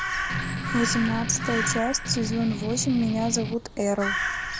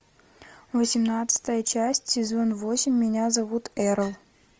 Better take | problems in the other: second | background sound (Crow + Strum); 3 dB below the speech

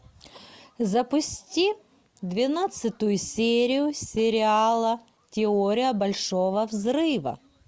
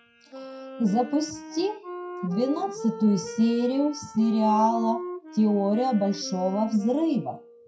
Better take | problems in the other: first | noise reduction (classical method WPE with log-MMSE)

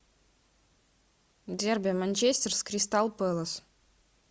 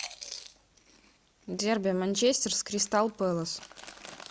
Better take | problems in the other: first | background sound (Chewing, mastication); 17 dB below the speech

